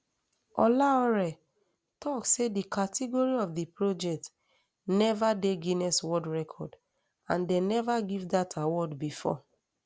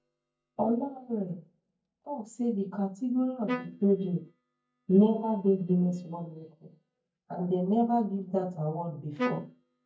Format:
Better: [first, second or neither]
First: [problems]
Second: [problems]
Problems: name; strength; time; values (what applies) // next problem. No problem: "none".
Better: first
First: none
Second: noise reduction (neural mask model DeepFilterNet 3)